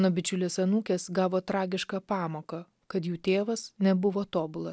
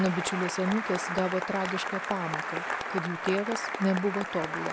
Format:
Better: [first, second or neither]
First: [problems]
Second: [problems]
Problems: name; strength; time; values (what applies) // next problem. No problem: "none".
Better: first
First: none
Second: background sound (Applause); 3 dB below the speech